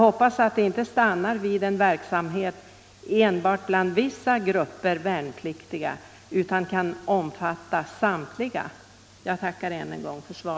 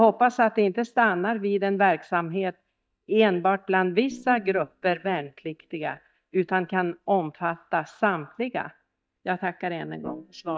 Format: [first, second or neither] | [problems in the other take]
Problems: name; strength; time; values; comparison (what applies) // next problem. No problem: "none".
first | noise reduction (neural mask model DeepFilterNet 3)